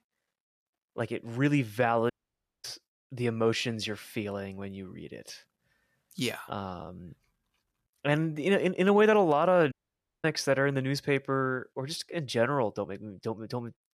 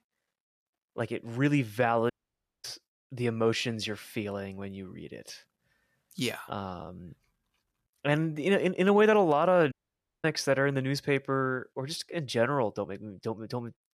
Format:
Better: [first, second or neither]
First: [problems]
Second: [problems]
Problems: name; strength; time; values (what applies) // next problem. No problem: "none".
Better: neither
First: audio cutting out; at 2 s for 0.5 s and at 9.5 s for 0.5 s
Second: audio cutting out; at 2 s for 0.5 s and at 9.5 s for 0.5 s